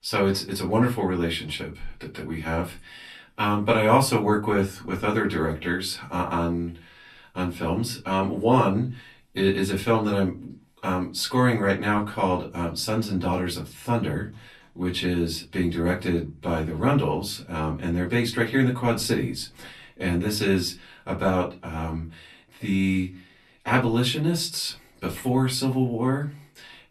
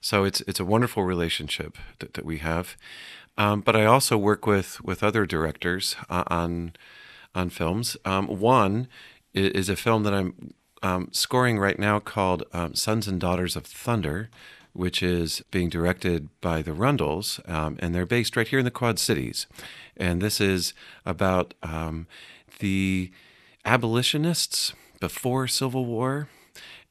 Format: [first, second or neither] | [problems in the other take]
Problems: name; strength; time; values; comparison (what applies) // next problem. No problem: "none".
second | off-mic speech; far // room echo; very slight; dies away in 0.2 s